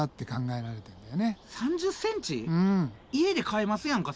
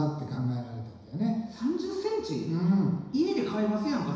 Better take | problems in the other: first | room echo; dies away in 1 s

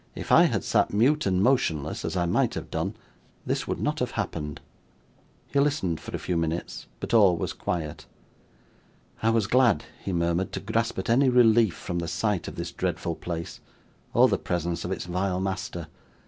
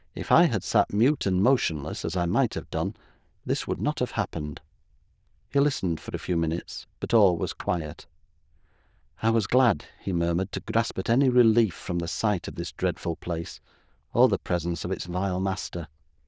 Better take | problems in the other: first | noise reduction (neural diffusion model UNIVERSE++)

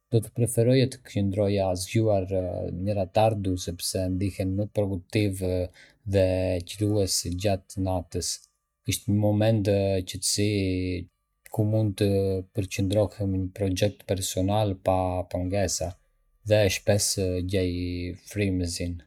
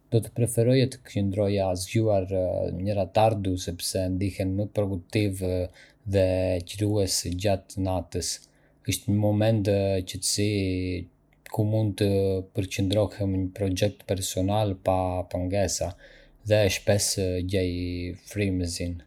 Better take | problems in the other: second | noise reduction (neural mask model DeepFilterNet 3)

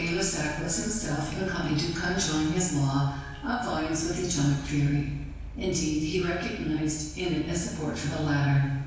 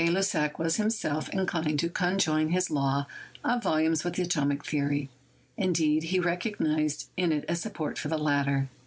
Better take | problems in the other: second | background sound (Traffic noise, roadway noise); 12 dB below the speech // room echo; dies away in 1.1 s

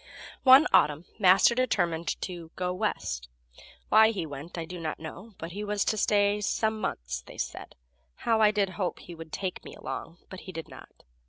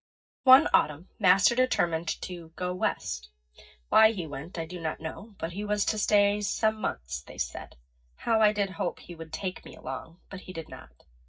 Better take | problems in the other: first | noise reduction (neural mask model DeepFilterNet 3)

